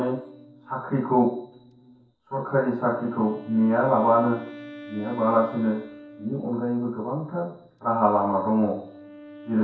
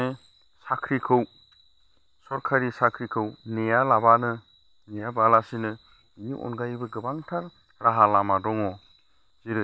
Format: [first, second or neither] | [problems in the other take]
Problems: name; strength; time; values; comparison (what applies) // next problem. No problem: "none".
second | background sound (Wind instrument, woodwind instrument); 19 dB below the speech // room echo; dies away in 0.6 s